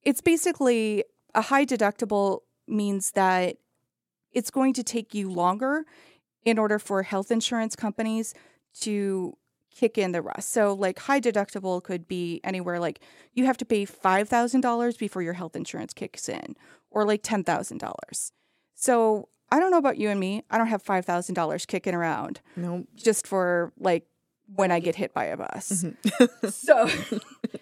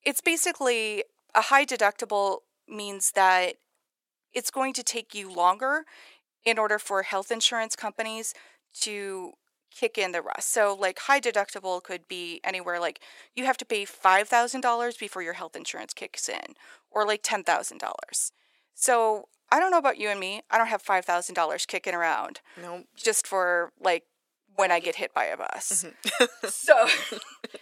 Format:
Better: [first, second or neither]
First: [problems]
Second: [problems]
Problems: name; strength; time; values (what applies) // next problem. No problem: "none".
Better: first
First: none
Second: thin; very; fading below 650 Hz